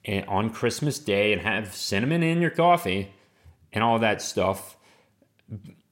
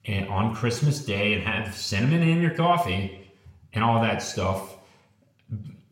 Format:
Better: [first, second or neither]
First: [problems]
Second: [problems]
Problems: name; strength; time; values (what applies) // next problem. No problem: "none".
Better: first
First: none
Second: room echo; slight; dies away in 0.7 s // off-mic speech; somewhat distant